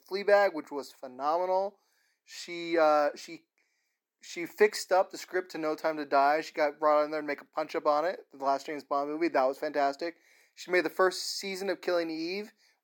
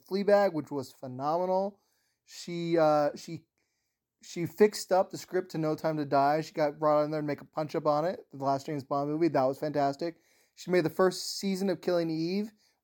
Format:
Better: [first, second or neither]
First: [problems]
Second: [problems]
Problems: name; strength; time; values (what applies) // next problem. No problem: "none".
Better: second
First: thin; somewhat; fading below 300 Hz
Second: none